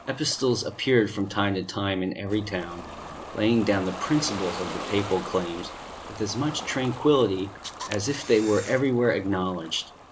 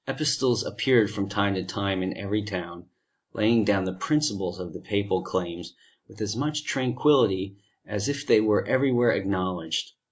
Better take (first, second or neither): second